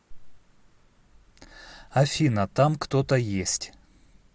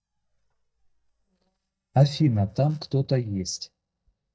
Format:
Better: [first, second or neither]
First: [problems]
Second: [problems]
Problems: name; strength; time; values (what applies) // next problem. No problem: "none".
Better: first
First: none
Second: noise reduction (neural mask model DeepFilterNet 3)